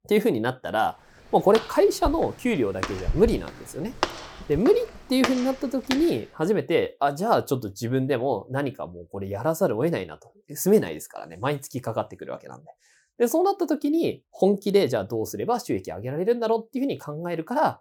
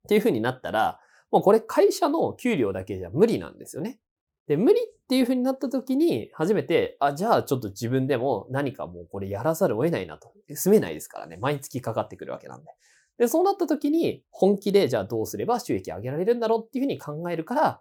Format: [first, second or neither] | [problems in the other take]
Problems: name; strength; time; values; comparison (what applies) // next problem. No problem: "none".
second | footsteps; noticeable; from 1.5 to 6 s; peak 5 dB below the speech